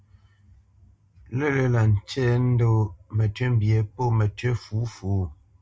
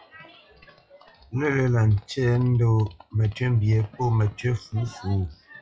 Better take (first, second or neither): first